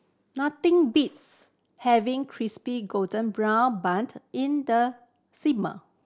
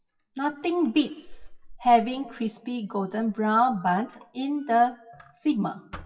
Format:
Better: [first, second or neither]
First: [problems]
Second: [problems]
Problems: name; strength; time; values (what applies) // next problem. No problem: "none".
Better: first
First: none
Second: noise reduction (classical method WPE with log-MMSE)